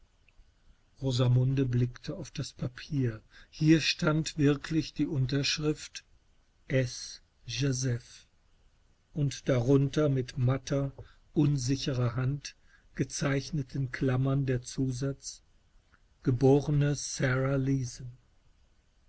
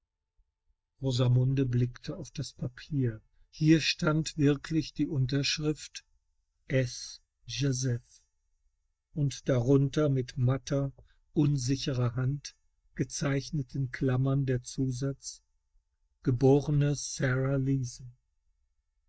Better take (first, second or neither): first